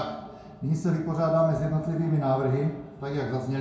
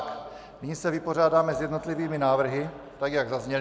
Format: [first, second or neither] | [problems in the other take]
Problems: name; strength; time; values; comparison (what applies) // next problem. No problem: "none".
second | room echo; dies away in 0.5 s